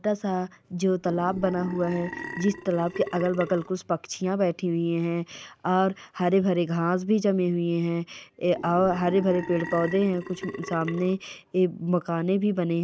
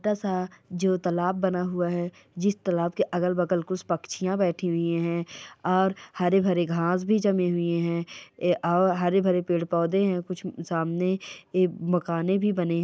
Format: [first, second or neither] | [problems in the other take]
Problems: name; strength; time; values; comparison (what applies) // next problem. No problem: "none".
second | background sound (Burping, eructation); 12 dB below the speech